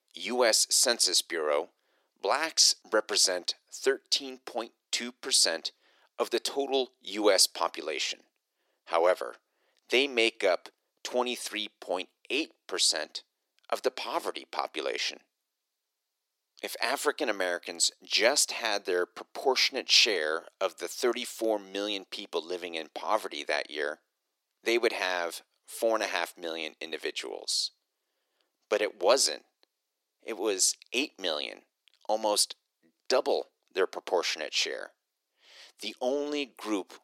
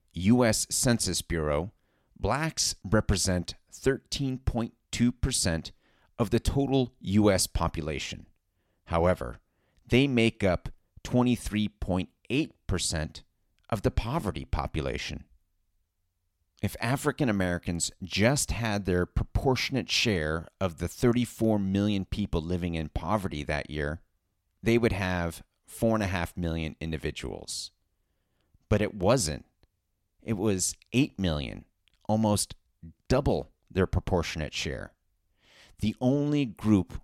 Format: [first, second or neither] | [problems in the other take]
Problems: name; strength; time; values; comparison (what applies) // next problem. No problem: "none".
second | thin; very; fading below 350 Hz